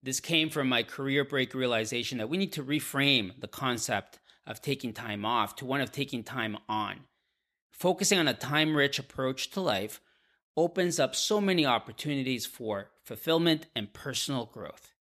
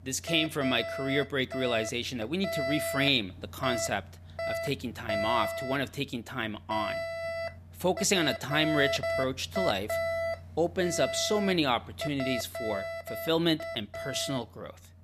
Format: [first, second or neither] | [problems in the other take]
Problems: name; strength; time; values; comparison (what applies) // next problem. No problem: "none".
first | alarms or sirens; loud; throughout; 5 dB below the speech